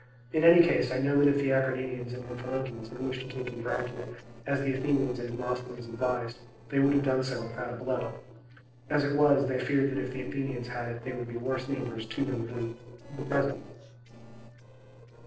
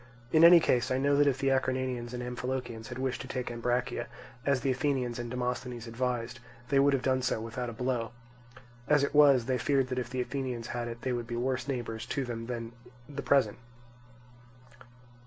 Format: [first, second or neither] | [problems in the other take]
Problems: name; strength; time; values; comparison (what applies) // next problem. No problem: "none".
second | noise reduction (neural separator model SepFormer DNS4)